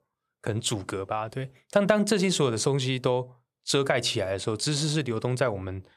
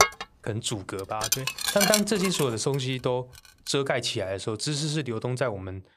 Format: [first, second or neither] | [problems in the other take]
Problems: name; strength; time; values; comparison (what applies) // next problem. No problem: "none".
first | clattering dishes; loud; until 2.5 s; peak 5 dB above the speech